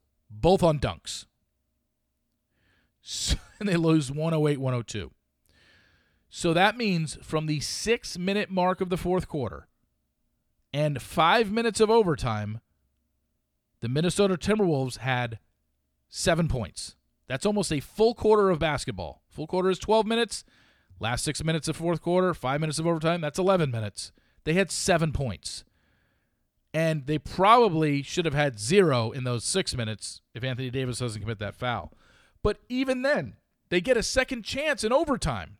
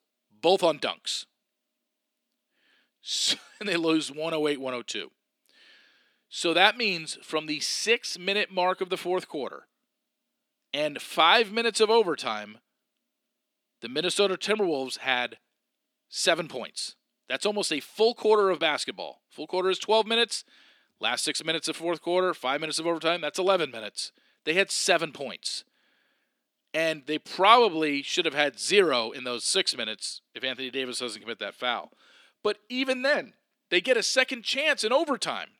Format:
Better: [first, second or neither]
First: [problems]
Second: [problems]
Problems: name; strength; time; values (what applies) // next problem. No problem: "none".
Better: first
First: none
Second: thin; somewhat; fading below 250 Hz